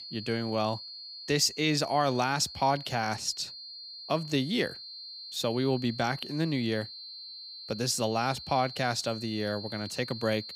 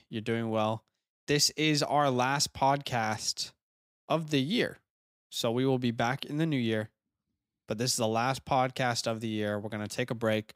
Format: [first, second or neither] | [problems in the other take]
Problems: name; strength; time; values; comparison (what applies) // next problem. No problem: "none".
second | high-pitched whine; noticeable; throughout; 4 kHz, 10 dB below the speech